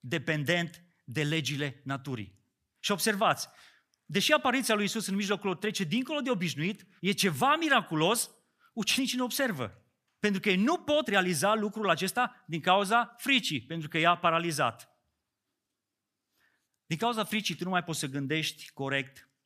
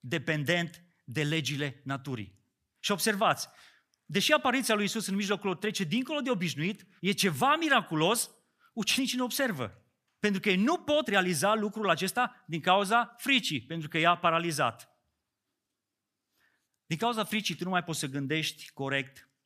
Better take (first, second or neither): neither